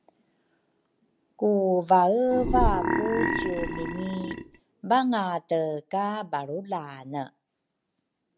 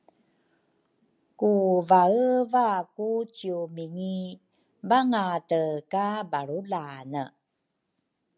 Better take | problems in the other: second | background sound (Burping, eructation); as loud as the speech

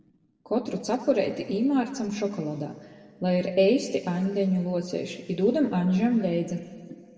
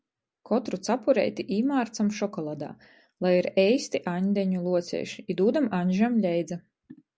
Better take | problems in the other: second | room echo; dies away in 1.9 s

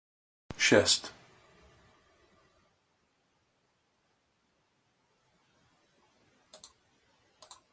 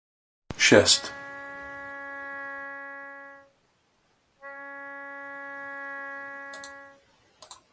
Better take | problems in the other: first | background sound (Wind instrument, woodwind instrument); 10 dB below the speech

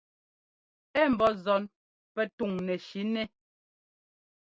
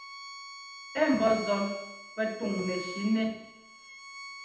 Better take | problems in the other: first | background sound (Bowed string instrument); 12 dB below the speech // room echo; dies away in 0.8 s

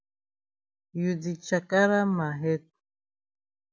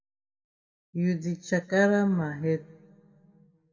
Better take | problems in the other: first | room echo; dies away in 0.8 s

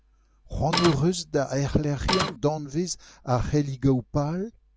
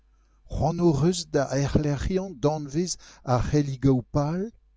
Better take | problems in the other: second | background sound (Printer); as loud as the speech

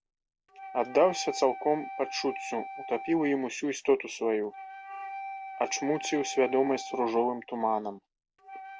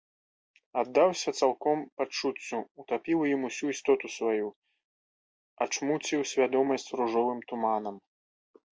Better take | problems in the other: second | background sound (Wind instrument, woodwind instrument); 12 dB below the speech

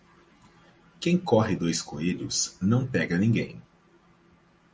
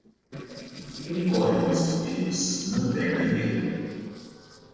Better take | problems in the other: first | noise reduction (neural separator model SepFormer DNS4)

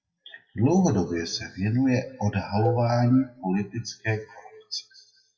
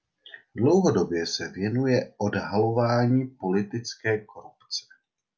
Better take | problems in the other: second | noise reduction (classical method WPE with log-MMSE)

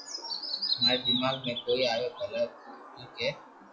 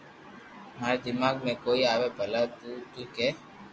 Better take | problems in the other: second | noise reduction (classical method log-MMSE)

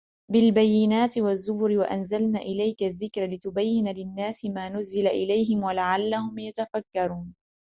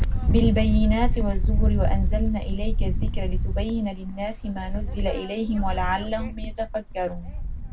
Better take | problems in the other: first | background sound (Wind); 4 dB above the speech // room echo; dies away in 0.3 s

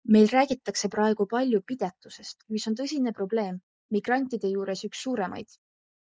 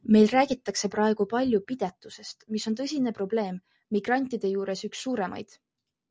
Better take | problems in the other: second | noise reduction (neural mask model Resemble Enhance denoiser)

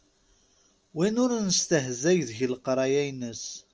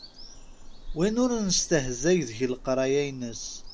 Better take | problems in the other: first | background sound (Bird vocalization, bird call, bird song); 13 dB below the speech

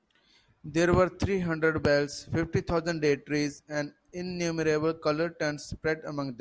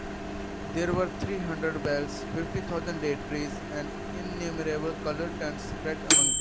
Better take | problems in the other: first | background sound (Microwave oven); 2 dB above the speech

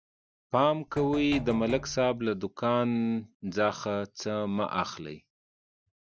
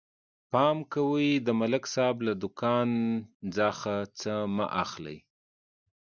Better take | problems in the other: second | background sound (Knock); 12 dB below the speech

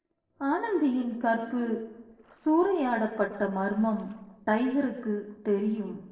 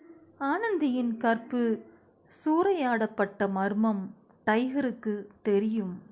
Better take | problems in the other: second | noise reduction (neural separator model SepFormer DNS4)

